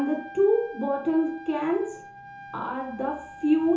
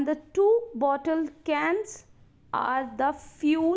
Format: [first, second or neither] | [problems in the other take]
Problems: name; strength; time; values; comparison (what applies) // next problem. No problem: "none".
second | background sound (Trumpet); 17 dB below the speech // room echo; dies away in 0.6 s